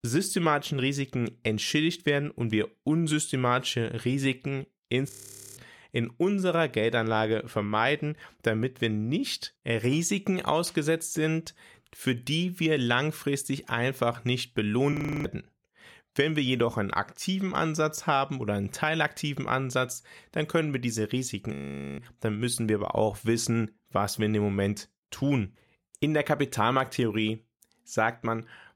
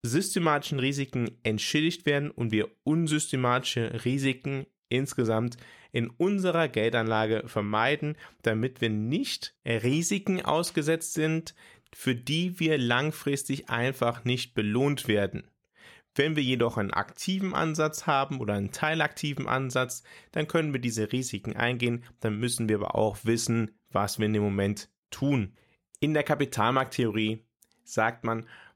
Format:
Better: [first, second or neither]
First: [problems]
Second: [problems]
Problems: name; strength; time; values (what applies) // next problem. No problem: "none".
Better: second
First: audio freezing; at 5 s, at 15 s and at 22 s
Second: none